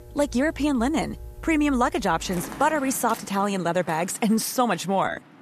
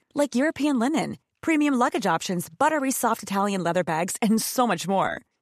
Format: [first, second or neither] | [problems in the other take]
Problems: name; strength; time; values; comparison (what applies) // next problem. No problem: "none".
second | rain or running water; noticeable; throughout; 15 dB below the speech